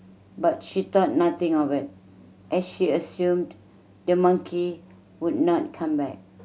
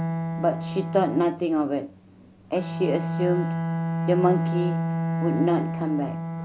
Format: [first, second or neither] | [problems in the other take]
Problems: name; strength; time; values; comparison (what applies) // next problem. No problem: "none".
first | background sound (Bowed string instrument); 2 dB below the speech